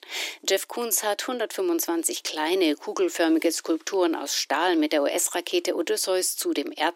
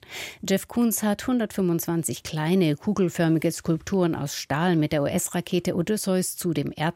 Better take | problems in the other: second | thin; very; fading below 300 Hz

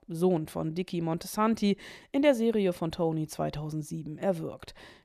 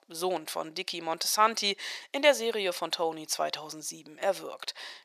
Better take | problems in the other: first | thin; very; fading below 750 Hz

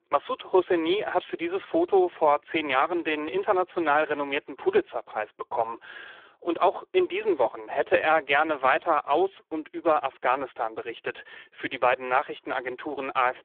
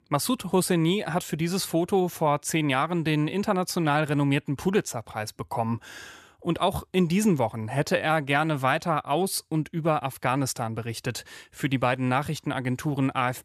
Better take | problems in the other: second | phone-call audio; poor line

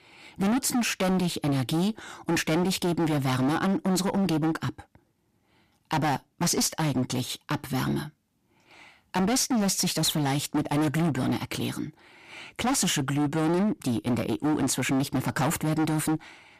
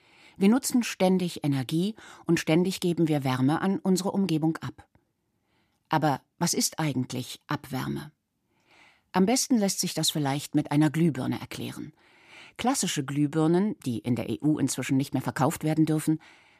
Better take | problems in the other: second | distortion; heavy; 21% of the sound clipped

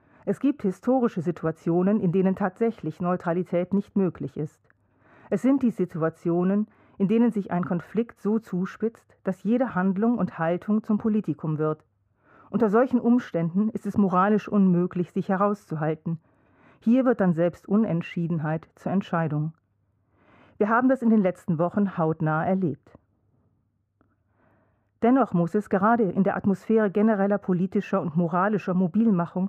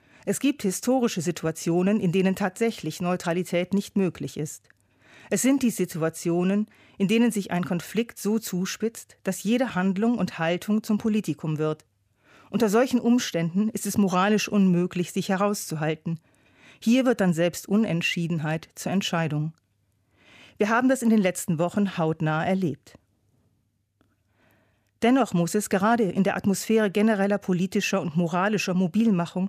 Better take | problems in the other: second | muffled; very; fading above 2 kHz

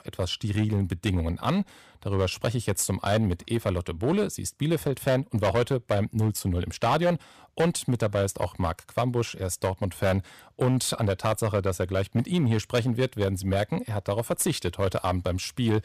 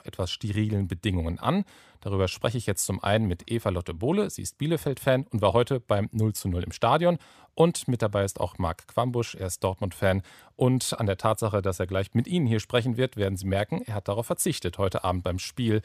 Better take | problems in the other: second | distortion; slight; 6% of the sound clipped

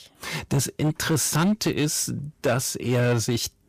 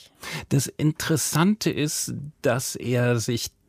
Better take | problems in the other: second | distortion; slight; 9% of the sound clipped

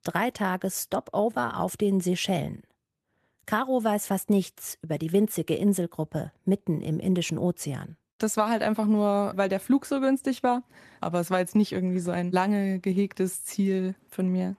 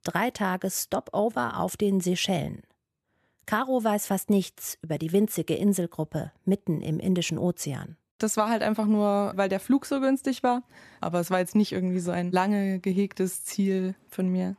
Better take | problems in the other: second | garbled, watery; slightly; nothing above 13.5 kHz

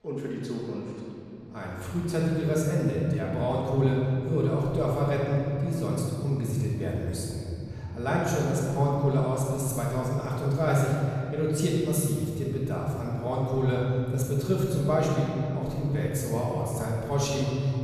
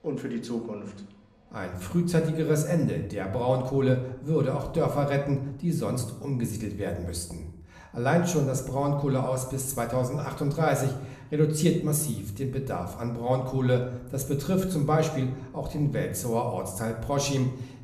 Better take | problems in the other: second | room echo; strong; dies away in 3 s; slight in the second // off-mic speech; far; somewhat distant in the second

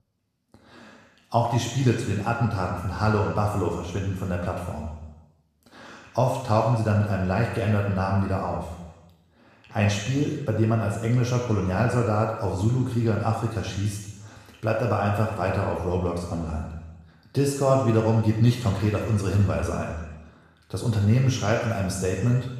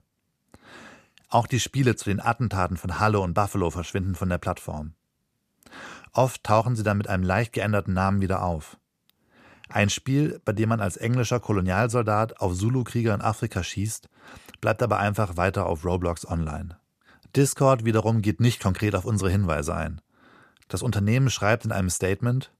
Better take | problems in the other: second | room echo; noticeable; dies away in 1.1 s // off-mic speech; far

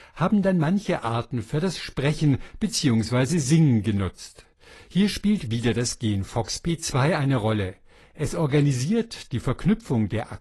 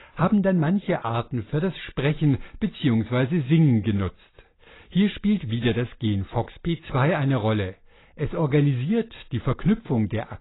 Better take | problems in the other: first | garbled, watery; badly; nothing above 4 kHz; slightly in the first

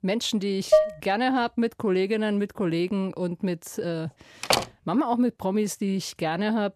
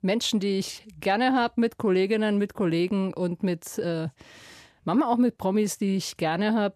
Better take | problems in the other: second | clattering dishes; loud; at 0.5 s; peak 5 dB above the speech // door banging; loud; at 4.5 s; peak 2 dB above the speech

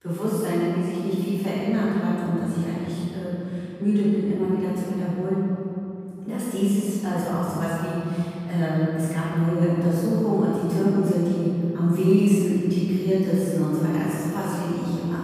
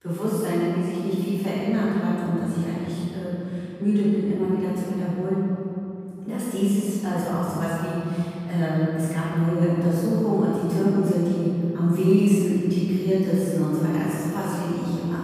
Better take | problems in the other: neither | off-mic speech; far; the same in both // room echo; strong; dies away in 3 s; the same in both

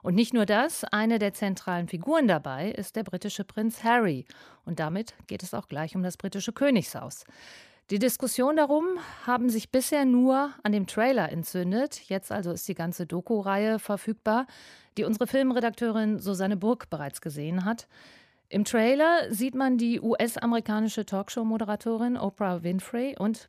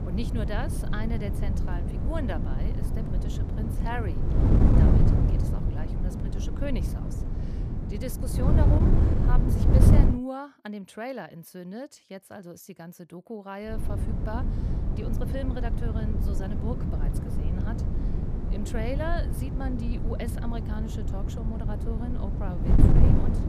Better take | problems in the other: first | wind noise on the microphone; heavy; until 10 s and from 14 s on; 1 dB above the speech

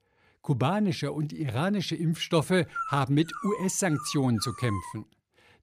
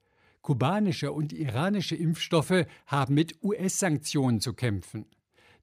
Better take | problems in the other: second | dog barking; noticeable; from 3 to 5 s; peak 6 dB below the speech

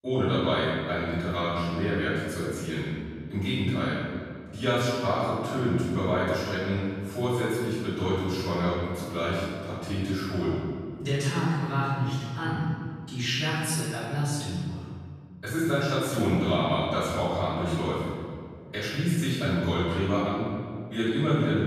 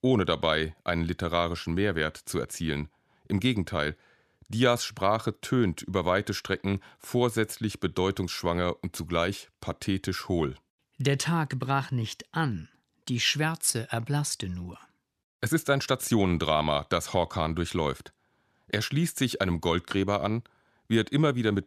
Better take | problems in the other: second | off-mic speech; far // room echo; strong; dies away in 1.8 s

